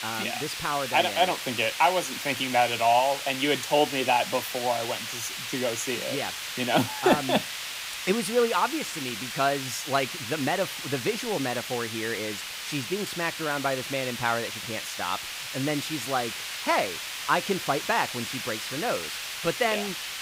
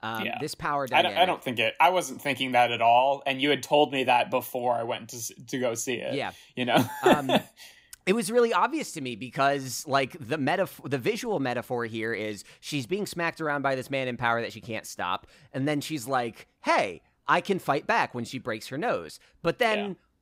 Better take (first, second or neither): second